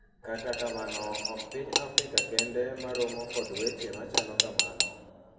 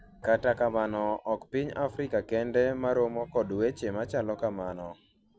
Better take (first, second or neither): second